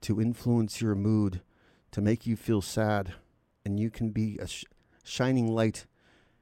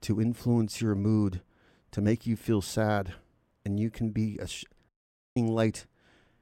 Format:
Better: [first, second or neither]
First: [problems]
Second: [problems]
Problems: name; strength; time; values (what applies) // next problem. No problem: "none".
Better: first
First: none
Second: audio cutting out; at 5 s